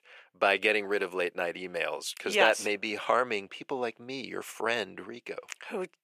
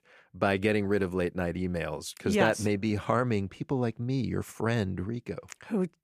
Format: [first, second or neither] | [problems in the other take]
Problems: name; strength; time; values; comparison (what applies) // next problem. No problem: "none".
second | thin; very; fading below 550 Hz